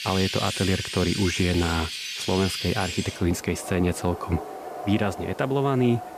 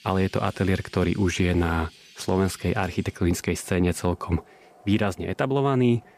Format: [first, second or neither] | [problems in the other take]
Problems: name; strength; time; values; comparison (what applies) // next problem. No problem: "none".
second | animal sounds; loud; throughout; 6 dB below the speech; faint in the second